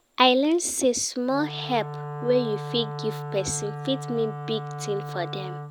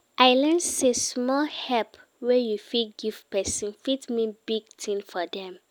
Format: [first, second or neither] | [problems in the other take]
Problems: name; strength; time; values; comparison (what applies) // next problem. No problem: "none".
second | background sound (Wind instrument, woodwind instrument); 9 dB below the speech